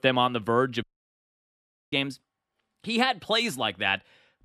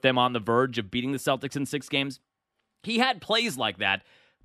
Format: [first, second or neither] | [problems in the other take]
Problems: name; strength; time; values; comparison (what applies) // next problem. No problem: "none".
second | audio cutting out; at 1 s for 1 s